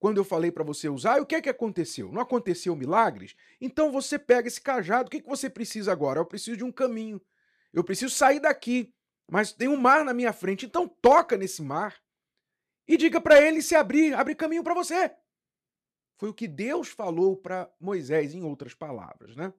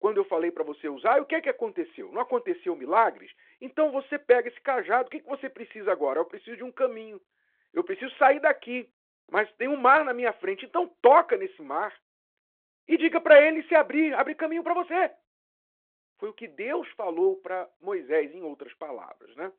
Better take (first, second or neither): first